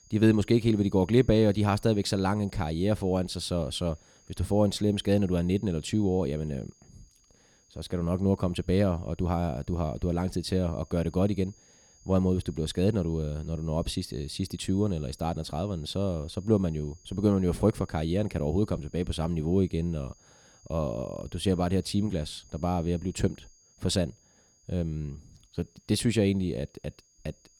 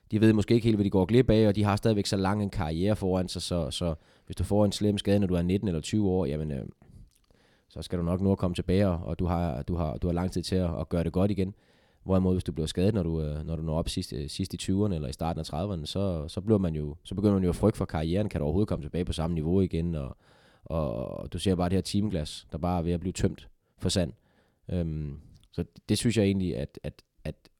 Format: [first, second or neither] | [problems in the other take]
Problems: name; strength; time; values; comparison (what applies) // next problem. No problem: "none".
second | high-pitched whine; faint; throughout; 6.5 kHz, 30 dB below the speech